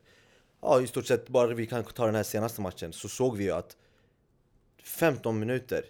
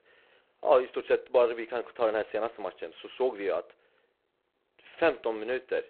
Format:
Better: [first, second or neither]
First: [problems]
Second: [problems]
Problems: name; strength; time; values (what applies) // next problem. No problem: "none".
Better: first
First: none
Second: phone-call audio; poor line; nothing above 4 kHz